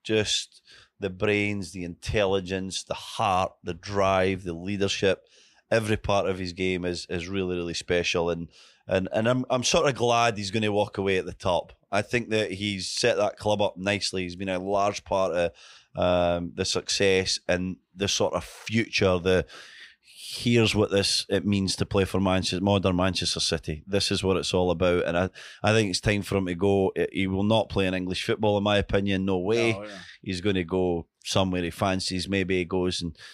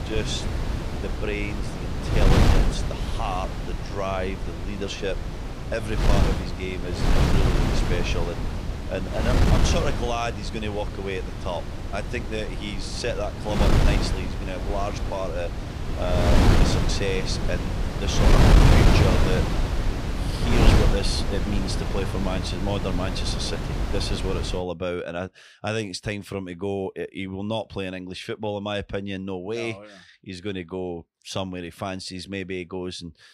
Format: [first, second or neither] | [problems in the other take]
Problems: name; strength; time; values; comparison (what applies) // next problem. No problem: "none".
first | wind noise on the microphone; heavy; until 25 s; as loud as the speech